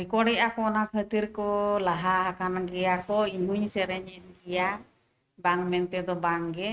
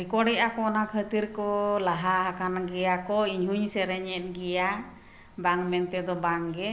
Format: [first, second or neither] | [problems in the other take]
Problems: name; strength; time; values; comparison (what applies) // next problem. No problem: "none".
second | noise reduction (neural mask model RNNoise)